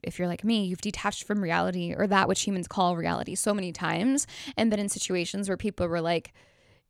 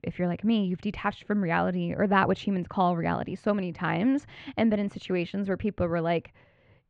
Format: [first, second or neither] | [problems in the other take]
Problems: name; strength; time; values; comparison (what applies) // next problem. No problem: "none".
first | muffled; very; fading above 2.5 kHz